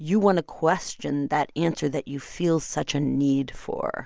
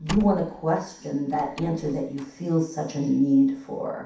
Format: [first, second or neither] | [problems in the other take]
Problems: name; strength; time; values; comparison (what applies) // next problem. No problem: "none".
first | background sound (Slam); 17 dB below the speech // room echo; dies away in 0.7 s